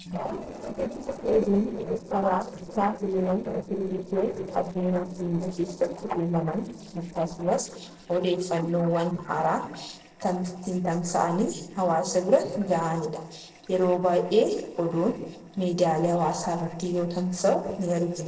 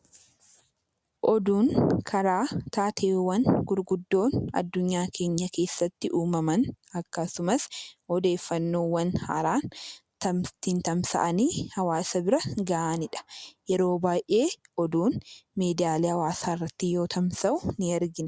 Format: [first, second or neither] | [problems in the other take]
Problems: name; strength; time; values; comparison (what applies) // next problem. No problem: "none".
second | noise reduction (neural separator model SepFormer DNS4)